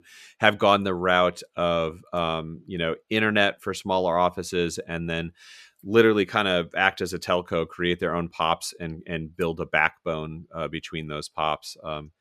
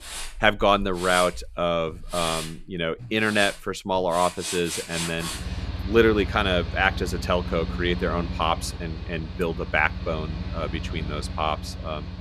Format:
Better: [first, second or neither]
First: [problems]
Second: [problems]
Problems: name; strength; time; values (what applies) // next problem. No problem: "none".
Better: first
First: none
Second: machinery noise; loud; throughout; 8 dB below the speech